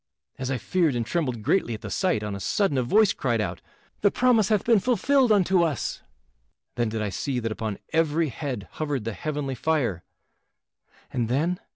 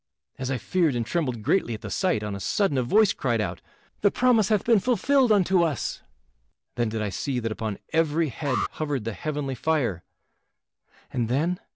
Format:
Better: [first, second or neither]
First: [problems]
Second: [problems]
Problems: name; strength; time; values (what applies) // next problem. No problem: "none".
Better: first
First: none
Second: background sound (Alarm); 10 dB below the speech